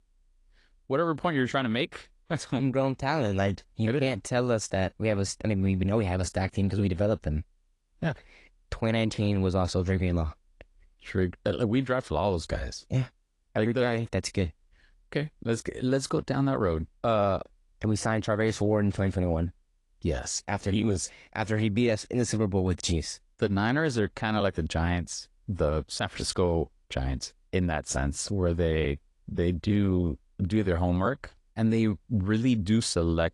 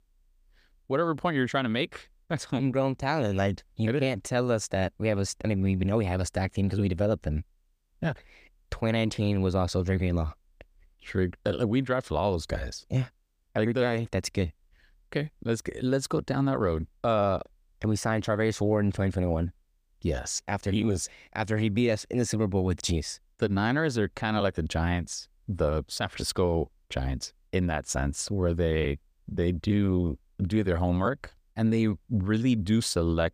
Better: second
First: garbled, watery; slightly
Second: none

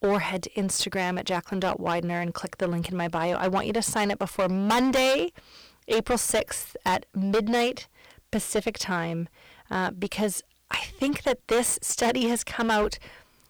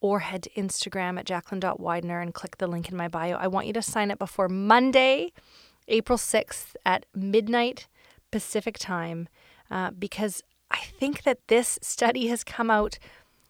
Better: second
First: distortion; heavy; 12% of the sound clipped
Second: none

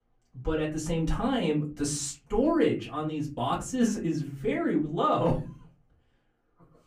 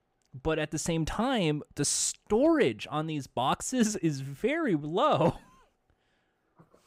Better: second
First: off-mic speech; far // room echo; very slight; dies away in 0.4 s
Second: none

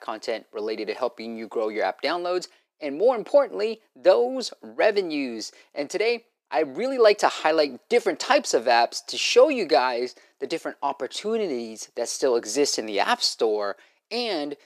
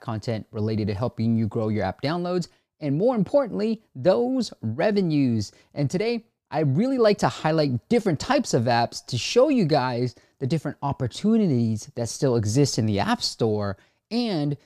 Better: second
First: thin; very; fading below 350 Hz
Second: none

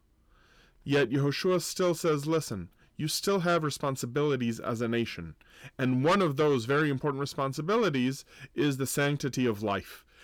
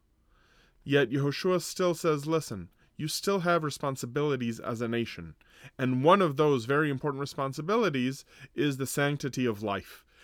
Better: second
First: distortion; slight; 10 dB below the speech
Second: none

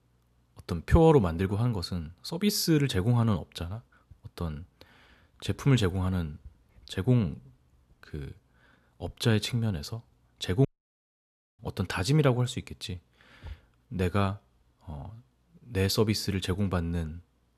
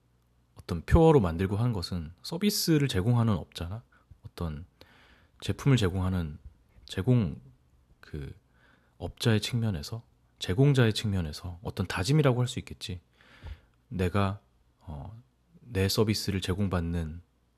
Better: second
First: audio cutting out; at 11 s for 1 s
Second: none

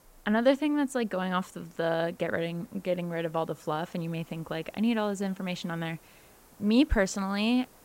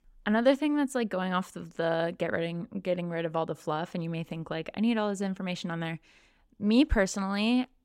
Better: second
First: hiss; faint; throughout; 25 dB below the speech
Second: none

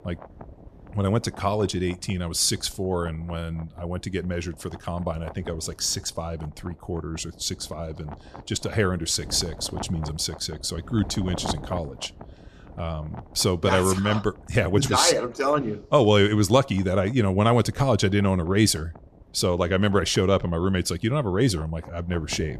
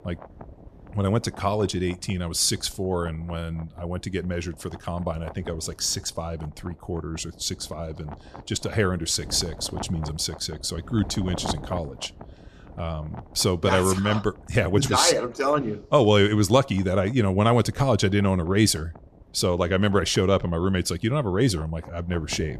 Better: neither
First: wind noise on the microphone; occasional gusts; 20 dB below the speech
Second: wind noise on the microphone; occasional gusts; 20 dB below the speech

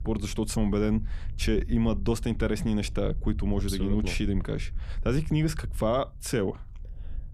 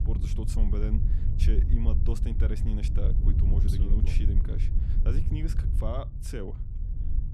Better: first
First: low rumble; faint; throughout; 25 dB below the speech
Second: low rumble; loud; throughout; 4 dB below the speech

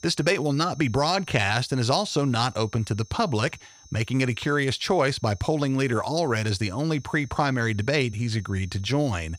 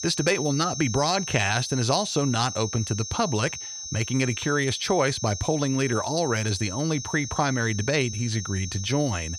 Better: first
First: high-pitched whine; faint; throughout; 6 kHz, 25 dB below the speech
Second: high-pitched whine; loud; throughout; 6 kHz, 7 dB below the speech

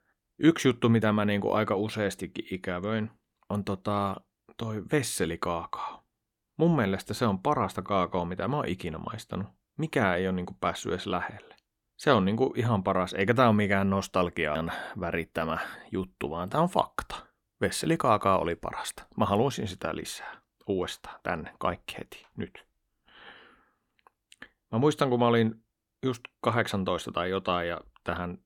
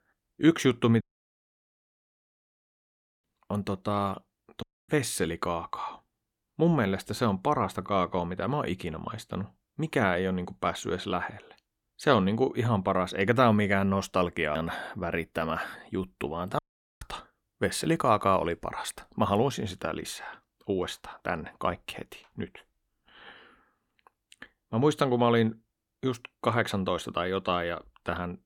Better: first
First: none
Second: audio cutting out; at 1 s for 2 s, at 4.5 s and at 17 s

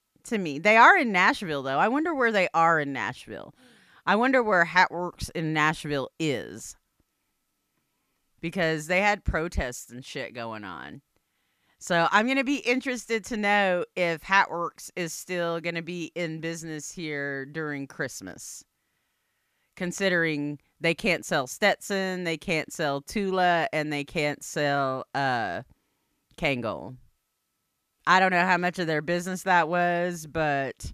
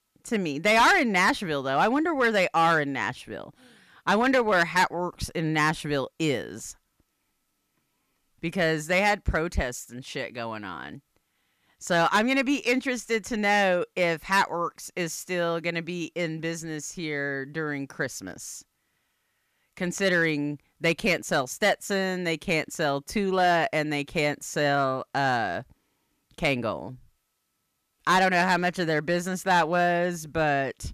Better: first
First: none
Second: distortion; slight; 2% of the sound clipped

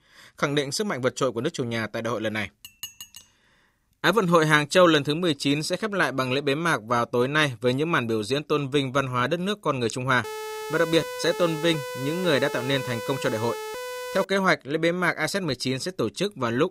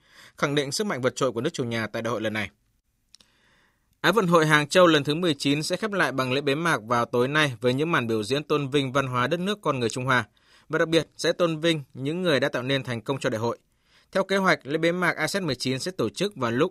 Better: second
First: clattering dishes; faint; at 2.5 s; peak 15 dB below the speech // siren; noticeable; from 10 to 14 s; peak 9 dB below the speech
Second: none

